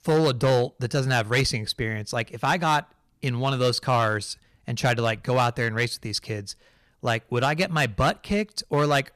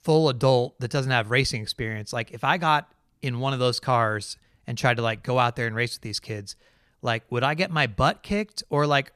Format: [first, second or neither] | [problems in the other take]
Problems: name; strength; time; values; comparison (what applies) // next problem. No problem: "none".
second | distortion; slight; 5% of the sound clipped